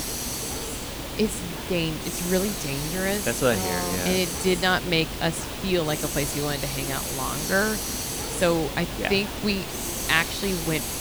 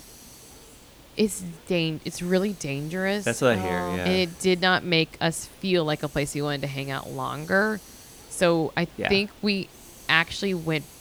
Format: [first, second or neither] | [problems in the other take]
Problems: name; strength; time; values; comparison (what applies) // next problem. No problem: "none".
second | hiss; loud; throughout; 3 dB below the speech; faint in the second